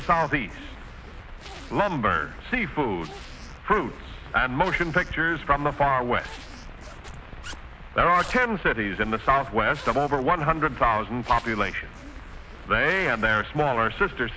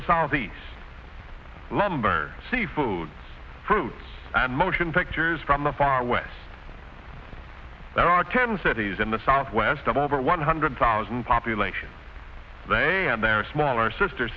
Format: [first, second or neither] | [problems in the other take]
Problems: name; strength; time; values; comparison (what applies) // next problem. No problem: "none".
second | background sound (Zipper (clothing)); 20 dB below the speech